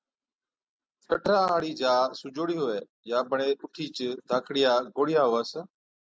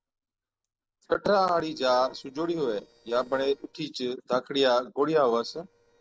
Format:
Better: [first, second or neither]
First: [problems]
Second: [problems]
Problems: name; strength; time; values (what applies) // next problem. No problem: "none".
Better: first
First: none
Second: noise reduction (neural separator model SepFormer DNS4)